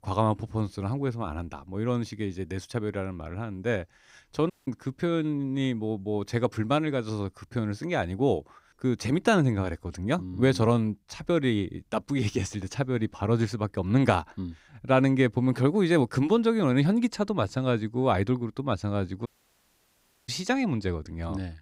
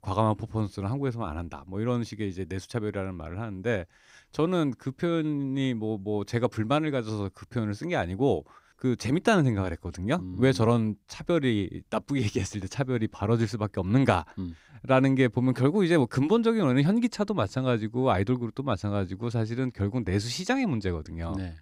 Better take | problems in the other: second | audio cutting out; at 4.5 s and at 19 s for 1 s

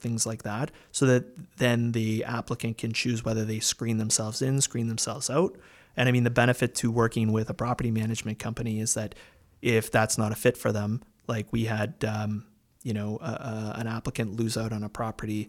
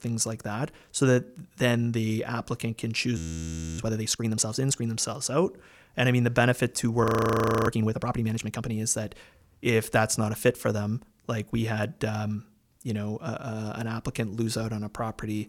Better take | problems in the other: first | audio freezing; at 3 s for 0.5 s and at 7 s for 0.5 s

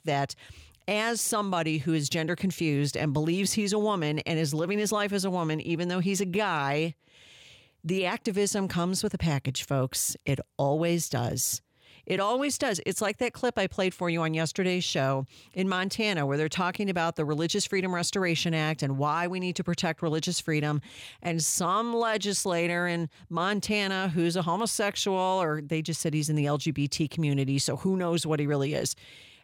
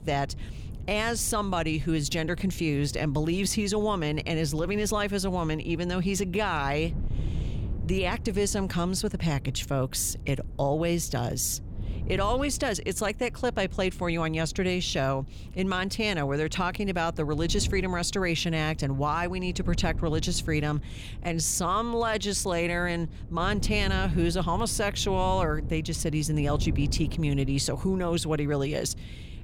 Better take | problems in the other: first | wind noise on the microphone; occasional gusts; 20 dB below the speech

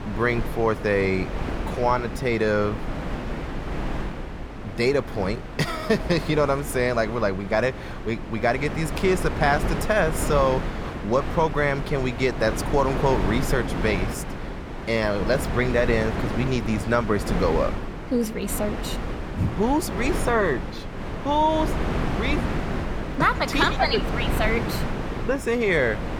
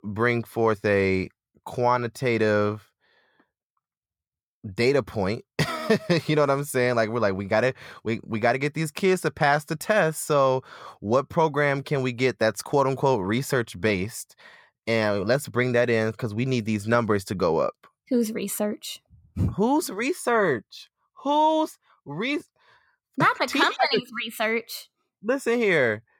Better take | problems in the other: second | wind noise on the microphone; heavy; 9 dB below the speech

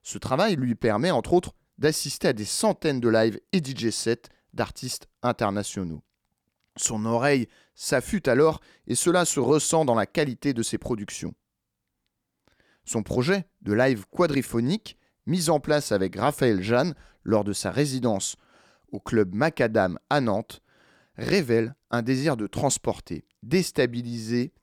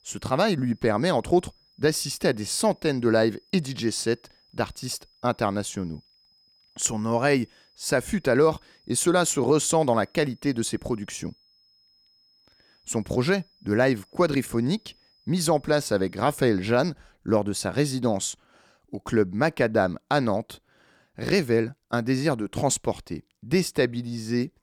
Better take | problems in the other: first | high-pitched whine; faint; until 17 s; 5 kHz, 35 dB below the speech

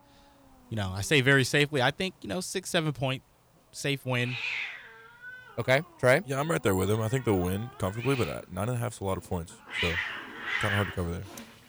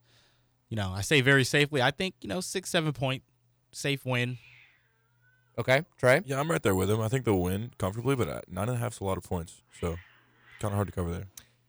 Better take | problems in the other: second | hiss; loud; throughout; 6 dB below the speech; faint in the second

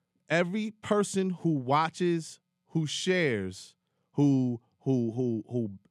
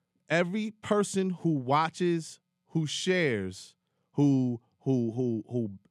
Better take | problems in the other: neither | none

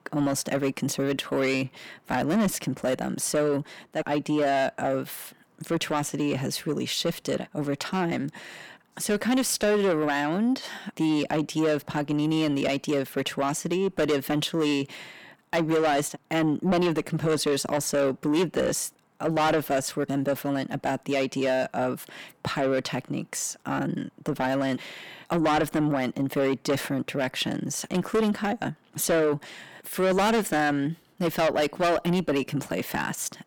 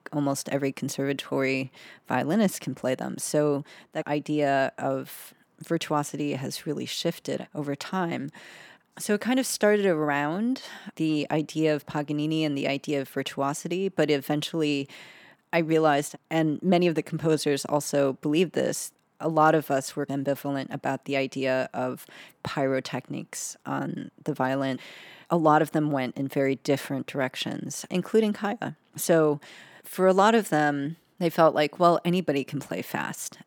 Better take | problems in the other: second | distortion; heavy; 7 dB below the speech

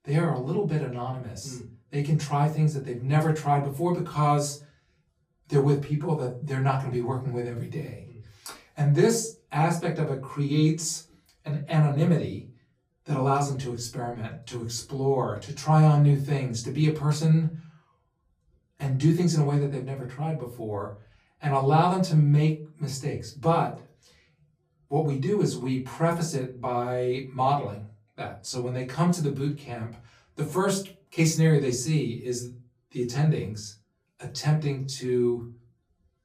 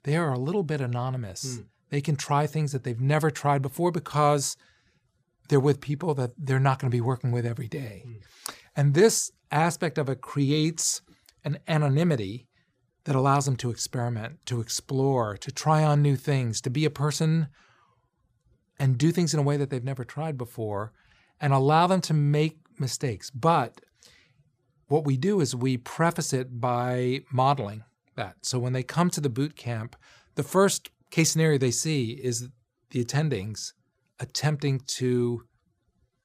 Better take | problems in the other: second | off-mic speech; far // room echo; very slight; dies away in 0.3 s

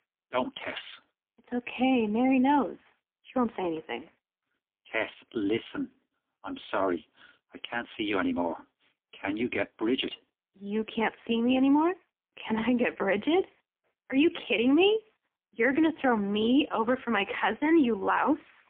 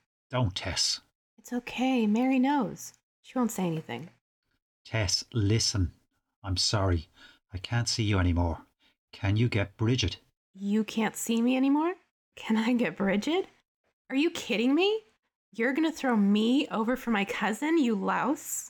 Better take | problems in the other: second | phone-call audio; poor line; nothing above 3.5 kHz

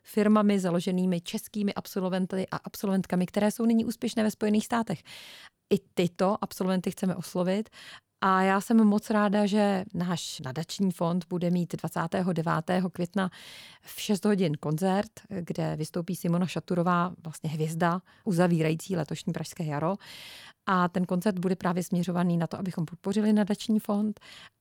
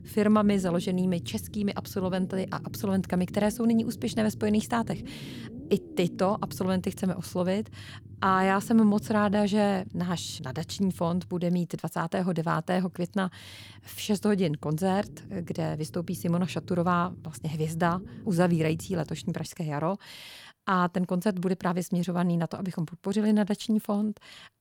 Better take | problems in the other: first | low rumble; faint; until 19 s; 20 dB below the speech

